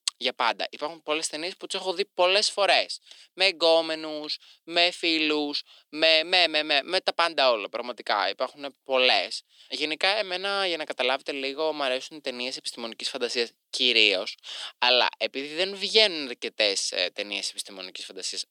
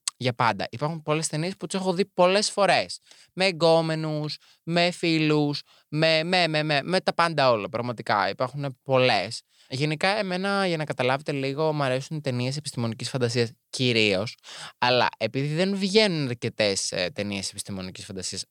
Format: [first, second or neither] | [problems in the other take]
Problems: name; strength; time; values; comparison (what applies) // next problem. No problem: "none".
second | thin; somewhat; fading below 300 Hz